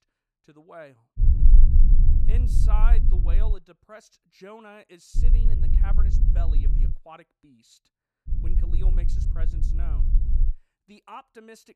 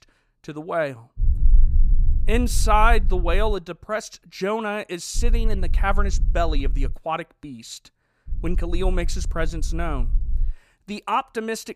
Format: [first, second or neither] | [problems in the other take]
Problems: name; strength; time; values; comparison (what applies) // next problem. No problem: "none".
second | low rumble; loud; from 1 to 3.5 s, from 5 to 7 s and from 8.5 to 10 s; 2 dB below the speech; faint in the second